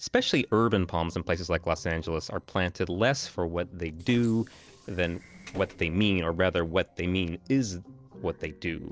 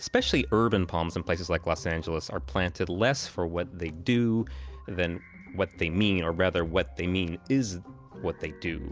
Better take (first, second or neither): second